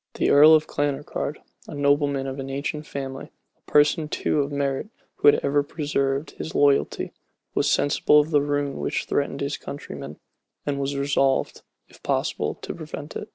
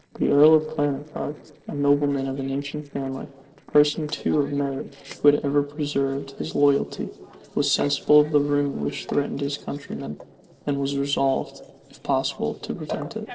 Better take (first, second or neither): first